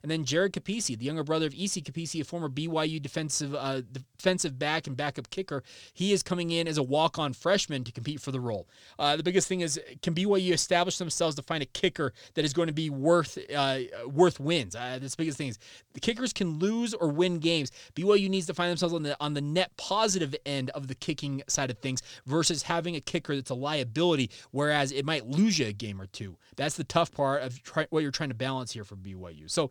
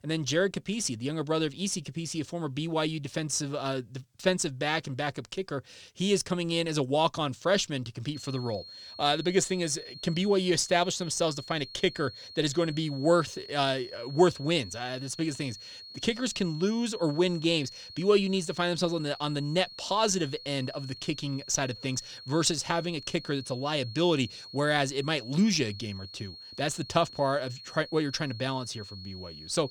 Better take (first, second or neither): first